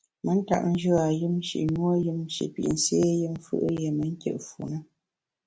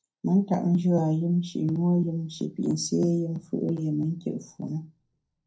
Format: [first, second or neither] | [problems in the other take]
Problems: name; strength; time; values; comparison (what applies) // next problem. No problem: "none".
first | room echo; dies away in 0.2 s